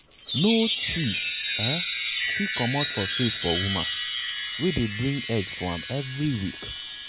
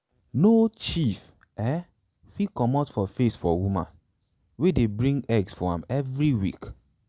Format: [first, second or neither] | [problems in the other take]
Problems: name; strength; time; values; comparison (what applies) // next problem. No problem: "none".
second | background sound (Chime); 1 dB below the speech